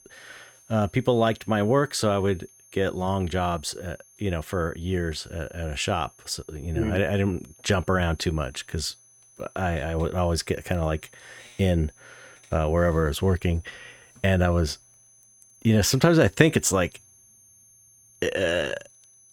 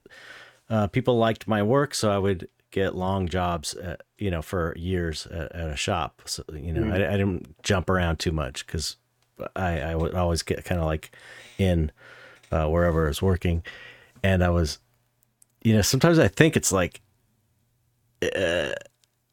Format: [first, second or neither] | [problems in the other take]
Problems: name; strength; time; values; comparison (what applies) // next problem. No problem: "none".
second | high-pitched whine; faint; throughout; 6.5 kHz, 30 dB below the speech